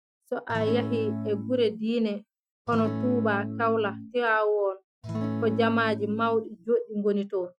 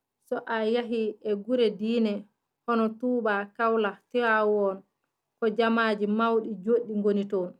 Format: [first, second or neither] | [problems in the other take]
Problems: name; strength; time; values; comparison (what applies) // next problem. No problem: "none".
second | noise reduction (classical method Wiener filter)